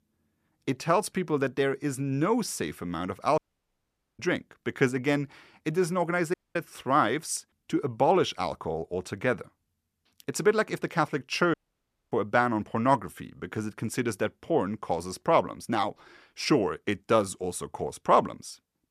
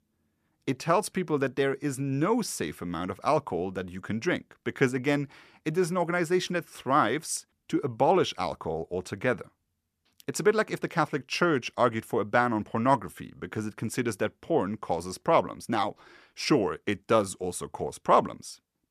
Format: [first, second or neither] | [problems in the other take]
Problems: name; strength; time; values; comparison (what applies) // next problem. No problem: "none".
second | audio cutting out; at 3.5 s for 1 s, at 6.5 s and at 12 s for 0.5 s